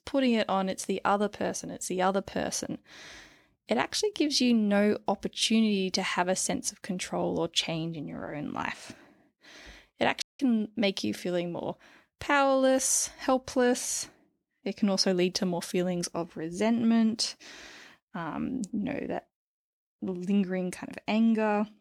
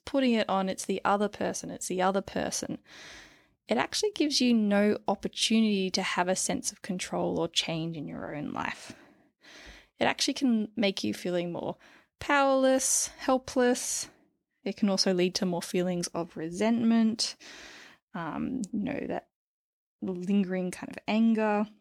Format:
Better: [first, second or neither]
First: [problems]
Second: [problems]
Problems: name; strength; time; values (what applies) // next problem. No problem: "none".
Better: second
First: audio cutting out; at 10 s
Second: none